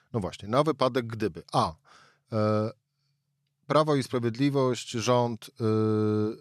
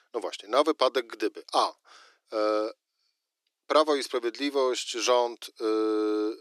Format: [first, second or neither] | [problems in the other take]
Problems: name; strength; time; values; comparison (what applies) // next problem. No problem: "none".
first | thin; somewhat; fading below 300 Hz